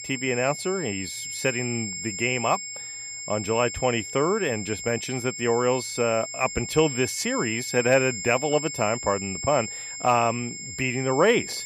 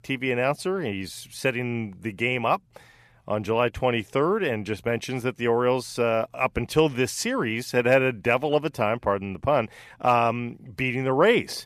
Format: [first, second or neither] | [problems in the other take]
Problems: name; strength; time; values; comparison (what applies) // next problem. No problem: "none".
second | high-pitched whine; loud; throughout; 7.5 kHz, 7 dB below the speech